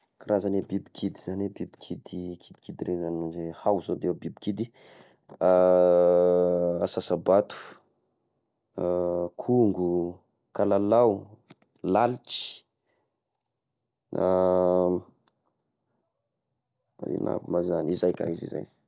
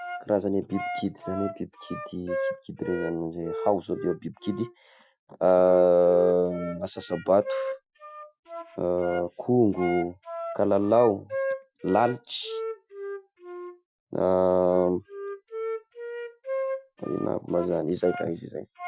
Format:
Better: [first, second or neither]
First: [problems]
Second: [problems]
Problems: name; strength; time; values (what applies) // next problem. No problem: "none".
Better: first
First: none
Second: noise reduction (classical method Wiener filter)